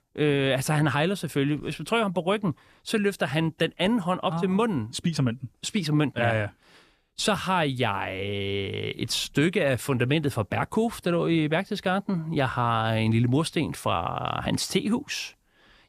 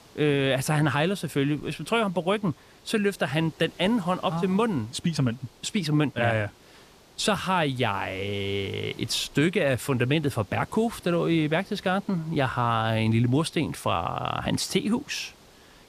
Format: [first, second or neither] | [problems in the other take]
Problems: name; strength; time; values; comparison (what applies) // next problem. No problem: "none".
first | hiss; faint; throughout; 25 dB below the speech